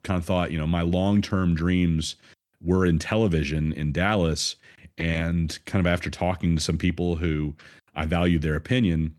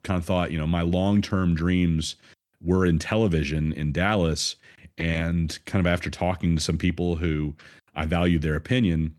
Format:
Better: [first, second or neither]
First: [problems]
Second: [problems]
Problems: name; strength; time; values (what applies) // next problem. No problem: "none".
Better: neither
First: none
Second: none